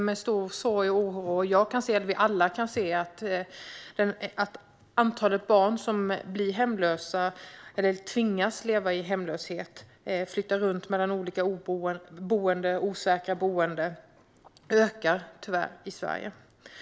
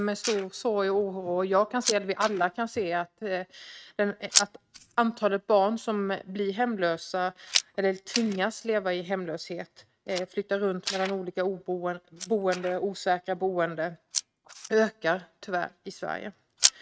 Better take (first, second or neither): first